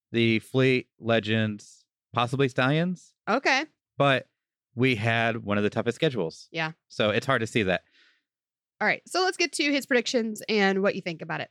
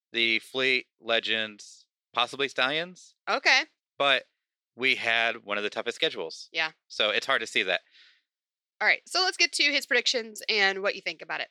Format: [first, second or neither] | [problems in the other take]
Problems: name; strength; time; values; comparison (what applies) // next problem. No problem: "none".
first | thin; somewhat; fading below 450 Hz